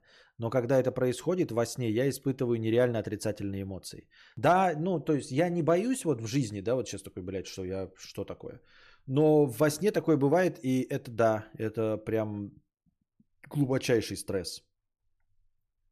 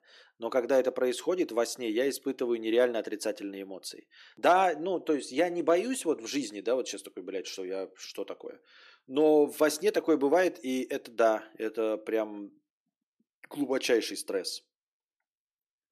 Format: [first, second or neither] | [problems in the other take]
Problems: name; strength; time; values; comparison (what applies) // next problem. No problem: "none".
first | thin; very slightly; fading below 300 Hz